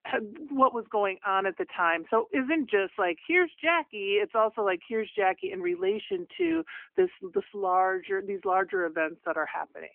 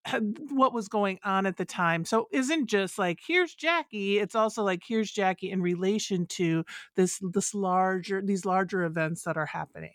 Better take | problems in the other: second | phone-call audio; nothing above 3 kHz

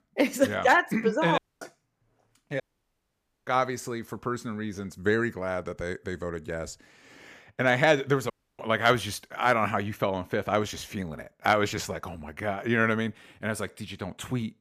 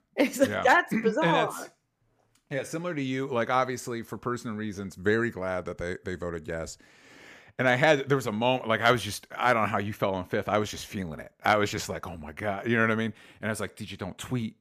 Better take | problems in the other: second | audio cutting out; at 1.5 s, at 2.5 s for 1 s and at 8.5 s

